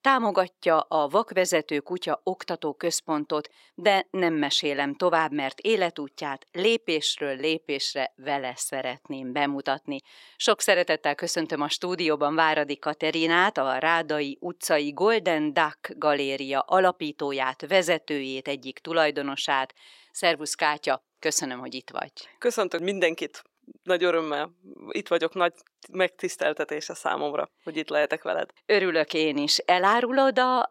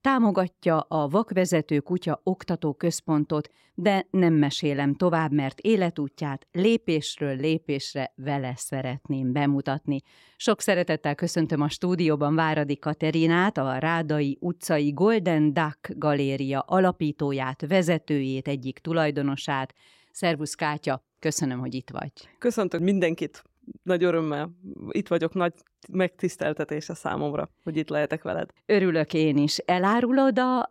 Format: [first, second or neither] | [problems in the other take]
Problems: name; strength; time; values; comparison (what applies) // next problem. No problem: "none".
second | thin; somewhat; fading below 450 Hz